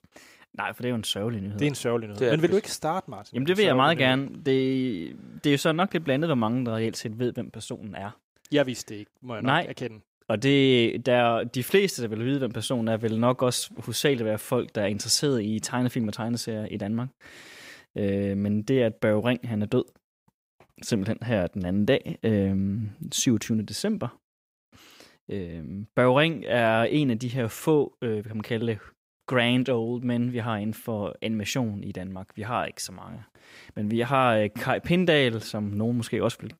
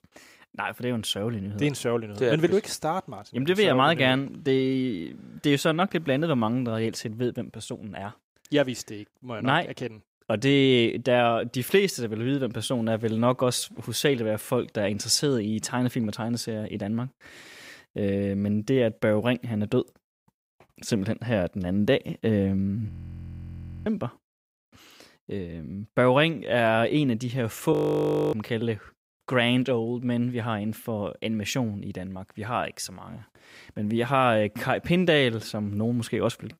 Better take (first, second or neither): first